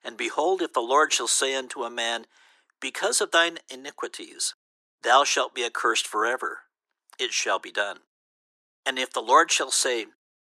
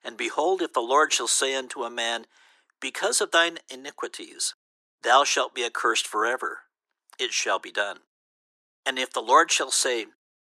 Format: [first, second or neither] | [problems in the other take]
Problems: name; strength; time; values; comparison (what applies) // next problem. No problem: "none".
neither | thin; very; fading below 350 Hz; the same in both